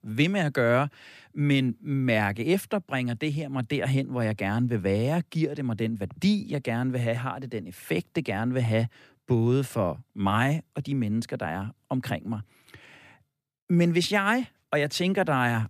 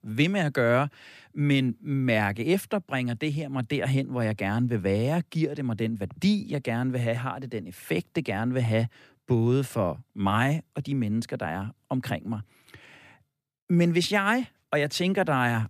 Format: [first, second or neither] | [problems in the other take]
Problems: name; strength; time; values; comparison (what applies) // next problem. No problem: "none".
neither | none